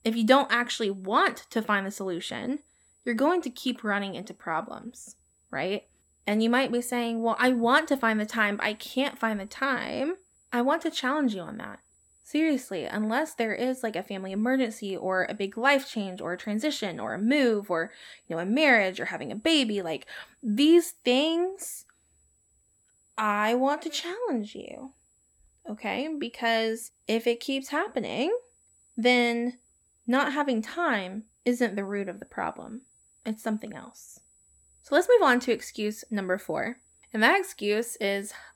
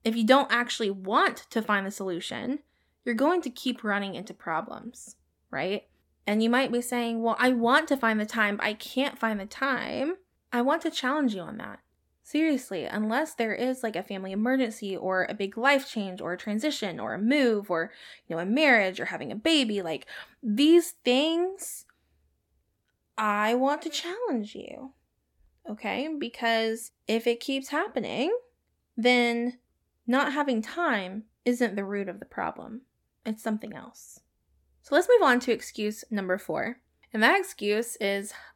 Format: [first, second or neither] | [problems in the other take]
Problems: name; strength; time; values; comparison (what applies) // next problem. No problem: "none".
second | high-pitched whine; faint; throughout; 8 kHz, 35 dB below the speech